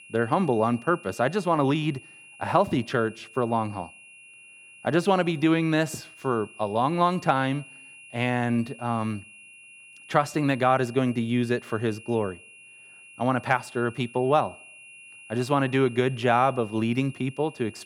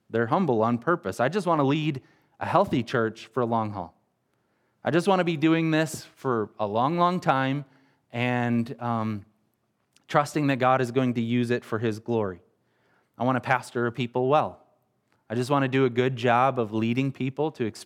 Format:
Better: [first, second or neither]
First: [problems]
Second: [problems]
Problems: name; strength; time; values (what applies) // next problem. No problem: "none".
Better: second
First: high-pitched whine; faint; throughout; 3 kHz, 20 dB below the speech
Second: none